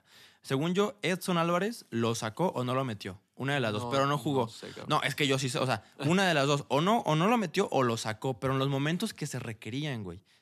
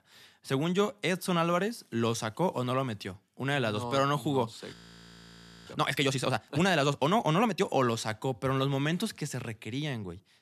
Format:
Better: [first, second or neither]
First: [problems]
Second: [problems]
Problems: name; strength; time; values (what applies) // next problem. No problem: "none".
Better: first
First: none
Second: audio freezing; at 4.5 s for 1 s